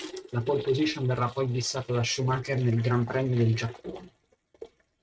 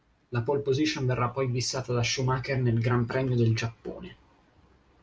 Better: second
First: noise reduction (neural mask model RNNoise)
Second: none

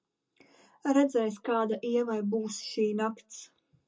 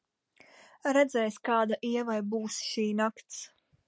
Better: second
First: room echo; dies away in 0.2 s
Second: none

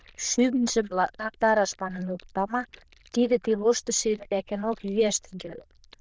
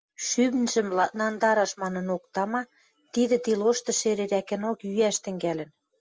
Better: second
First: noise reduction (neural diffusion model UNIVERSE++)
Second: none

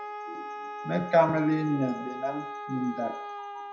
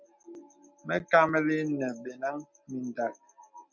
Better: second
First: background sound (Wind instrument, woodwind instrument); 9 dB below the speech // room echo; dies away in 0.5 s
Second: none

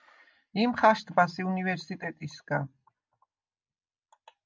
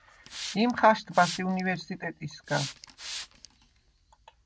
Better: first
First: none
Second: background sound (Hiss); 13 dB below the speech

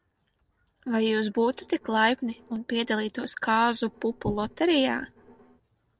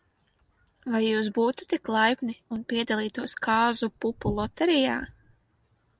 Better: second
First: noise reduction (neural separator model SepFormer DNS4)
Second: none

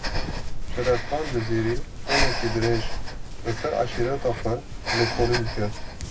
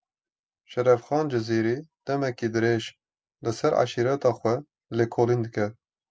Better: second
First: background sound (Breathing); as loud as the speech // room echo; dies away in 0.2 s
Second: none

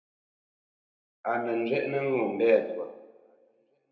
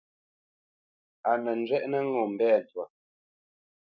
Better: second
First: room echo; dies away in 0.8 s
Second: none

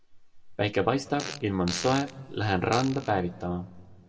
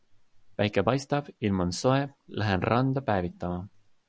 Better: second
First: background sound (Fart); 13 dB below the speech // room echo; dies away in 0.9 s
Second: none

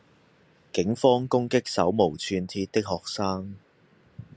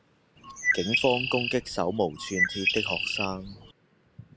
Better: first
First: none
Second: background sound (Bird); 1 dB above the speech

